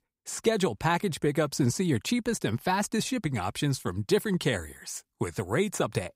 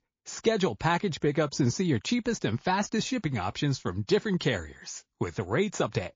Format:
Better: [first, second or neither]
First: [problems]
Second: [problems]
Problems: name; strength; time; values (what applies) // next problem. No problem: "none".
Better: first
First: none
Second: garbled, watery; slightly